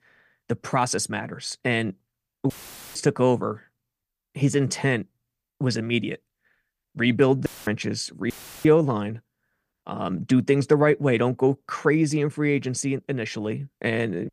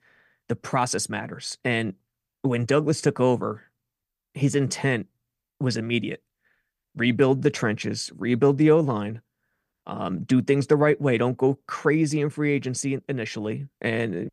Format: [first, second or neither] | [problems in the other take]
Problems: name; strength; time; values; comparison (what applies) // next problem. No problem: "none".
second | audio cutting out; filled with static; at 2.5 s, at 7.5 s and at 8.5 s